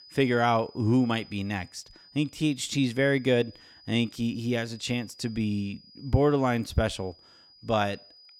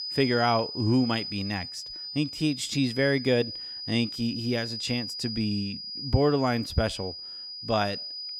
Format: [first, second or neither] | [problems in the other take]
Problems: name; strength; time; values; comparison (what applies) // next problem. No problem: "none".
first | high-pitched whine; loud; throughout; 5 kHz, 7 dB below the speech; faint in the first